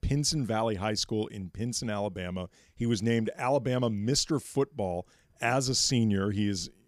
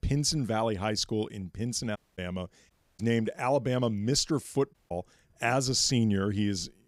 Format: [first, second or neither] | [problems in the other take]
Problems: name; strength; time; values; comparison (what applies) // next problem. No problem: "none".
first | audio cutting out; at 2 s, at 2.5 s and at 4.5 s